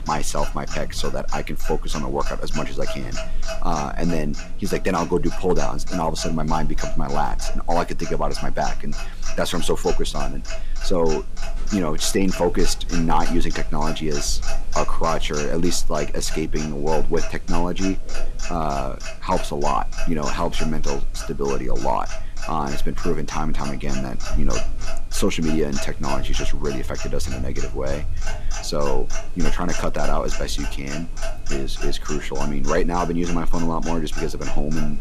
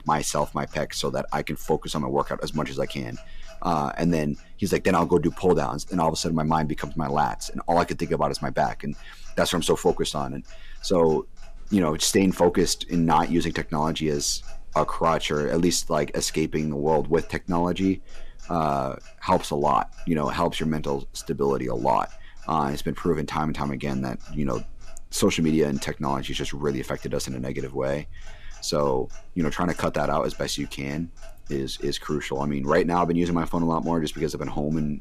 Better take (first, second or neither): second